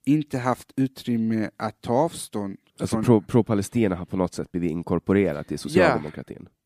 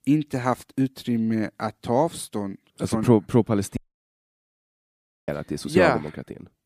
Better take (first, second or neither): first